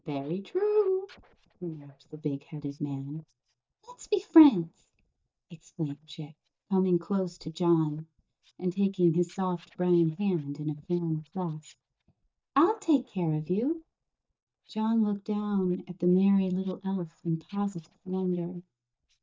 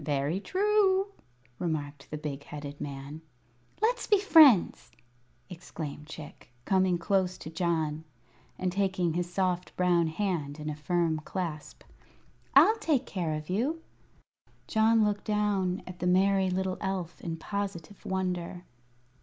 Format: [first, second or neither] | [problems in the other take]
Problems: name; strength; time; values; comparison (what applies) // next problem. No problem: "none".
second | noise reduction (neural mask model DeepFilterNet 3)